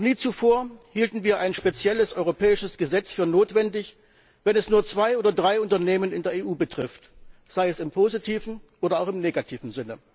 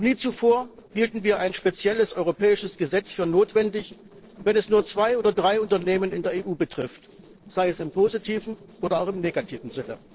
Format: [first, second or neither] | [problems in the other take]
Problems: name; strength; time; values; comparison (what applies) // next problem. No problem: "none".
first | noise reduction (neural separator model SepFormer DNS4)